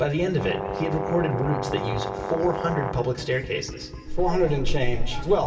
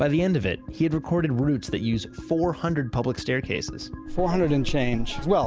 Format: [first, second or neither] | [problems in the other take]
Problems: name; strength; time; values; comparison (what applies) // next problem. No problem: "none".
second | background sound (Brass instrument); 6 dB below the speech // room echo; dies away in 1.9 s